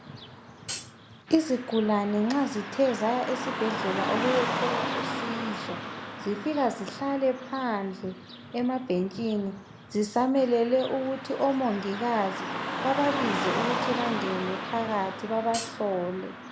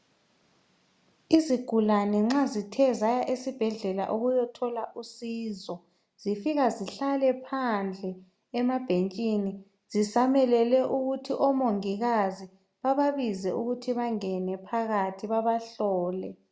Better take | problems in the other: second | background sound (Hi-hat + Car passing by / Traffic noise, roadway noise); 6 dB below the speech

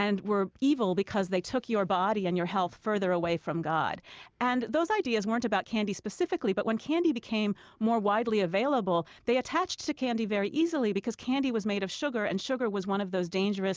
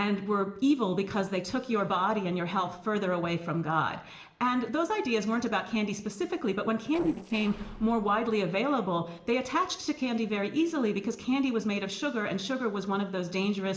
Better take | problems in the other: first | noise reduction (neural separator model SepFormer DNS4)

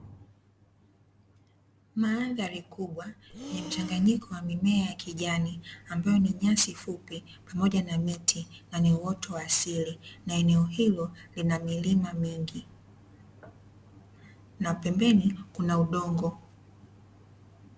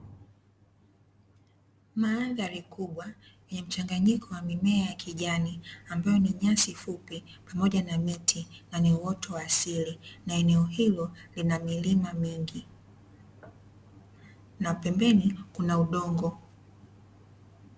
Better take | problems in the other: second | background sound (Breathing); 13 dB below the speech

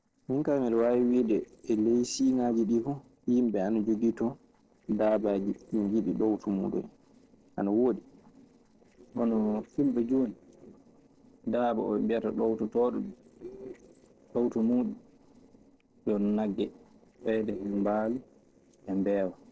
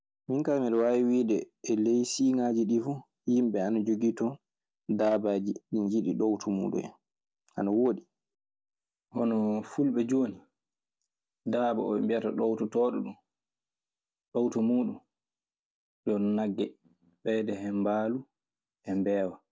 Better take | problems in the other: second | noise reduction (neural separator model SepFormer DNS4)

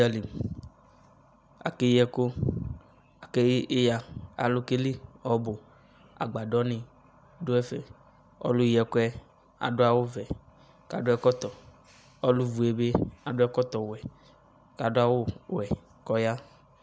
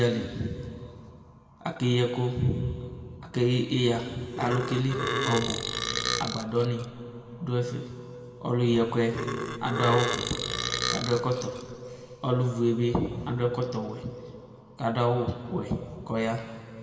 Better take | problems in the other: first | background sound (Burping, eructation); 4 dB below the speech // room echo; dies away in 2.1 s

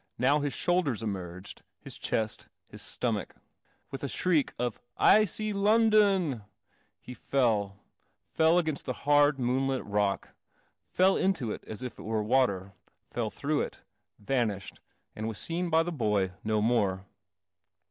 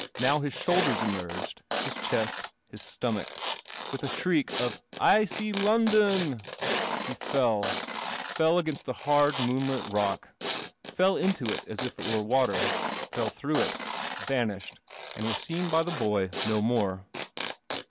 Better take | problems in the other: first | background sound (Tearing); 6 dB below the speech

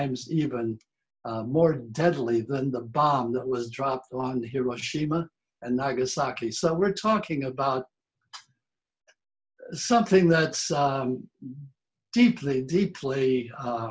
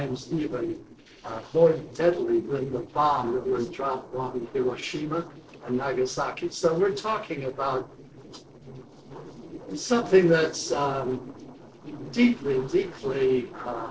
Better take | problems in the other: first | noise reduction (neural separator model SepFormer DNS4)

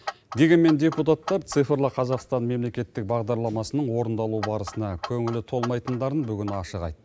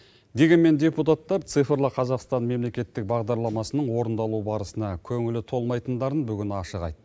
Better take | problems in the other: second | background sound (Clock); 15 dB below the speech

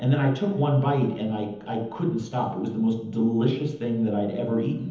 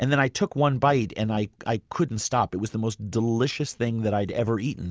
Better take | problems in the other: second | room echo; dies away in 1.3 s

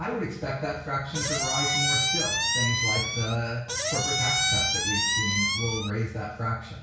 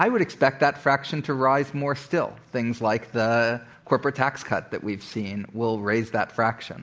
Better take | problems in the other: second | background sound (Squeak); 4 dB above the speech // room echo; dies away in 0.6 s

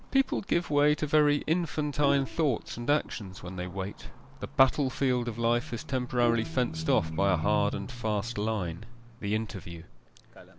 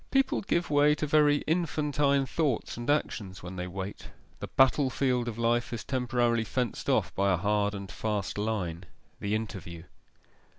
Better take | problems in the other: second | background sound (Livestock, farm animals, working animals + Bowed string instrument); 12 dB below the speech

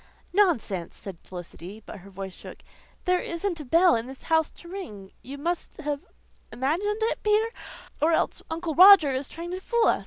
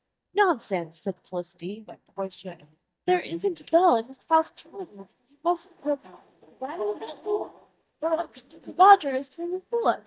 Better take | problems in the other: first | noise reduction (neural mask model DeepFilterNet 3)

